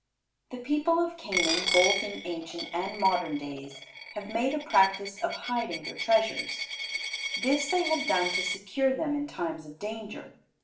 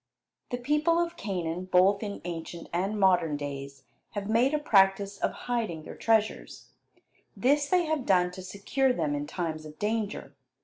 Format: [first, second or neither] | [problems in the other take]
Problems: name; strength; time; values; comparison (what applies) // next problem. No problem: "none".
second | background sound (Coin (dropping)); 5 dB below the speech // room echo; dies away in 0.4 s